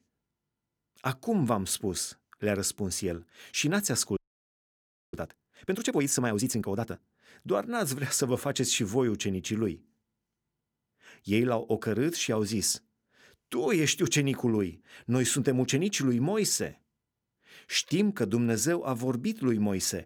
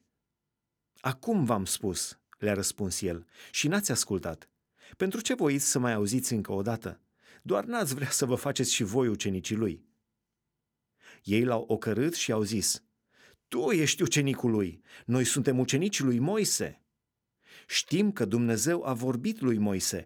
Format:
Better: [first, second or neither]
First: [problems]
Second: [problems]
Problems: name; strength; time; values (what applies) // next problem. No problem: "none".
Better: second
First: audio freezing; at 4 s for 1 s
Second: none